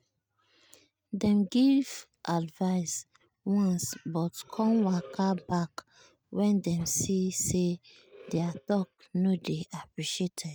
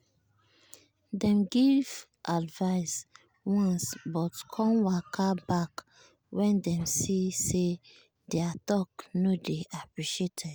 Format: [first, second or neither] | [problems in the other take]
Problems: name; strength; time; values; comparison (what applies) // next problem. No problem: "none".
second | noise reduction (neural mask model RNNoise)